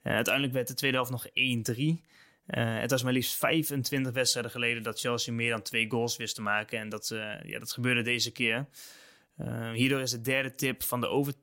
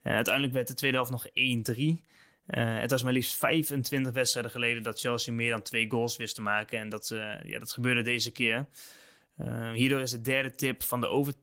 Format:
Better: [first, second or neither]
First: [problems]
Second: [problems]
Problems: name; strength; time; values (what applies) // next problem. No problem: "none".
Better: first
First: none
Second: garbled, watery; slightly; nothing above 16 kHz